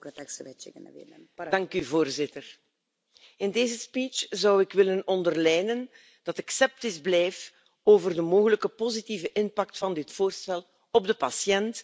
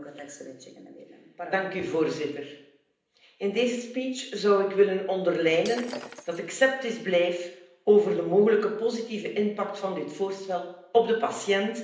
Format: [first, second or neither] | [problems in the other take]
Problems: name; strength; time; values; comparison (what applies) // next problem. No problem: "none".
first | background sound (Shatter); 16 dB below the speech // room echo; dies away in 0.8 s